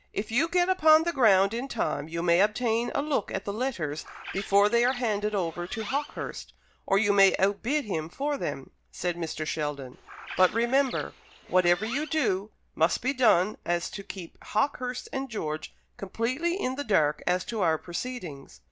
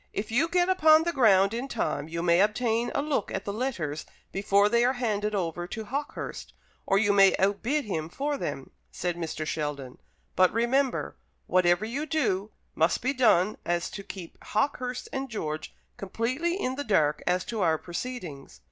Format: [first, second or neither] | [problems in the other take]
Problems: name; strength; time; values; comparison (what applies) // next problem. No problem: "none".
second | background sound (Bird); 15 dB below the speech